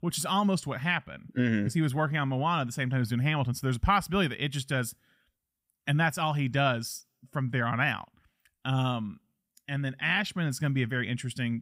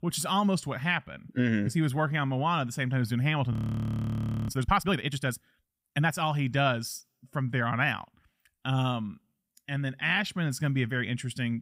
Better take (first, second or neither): first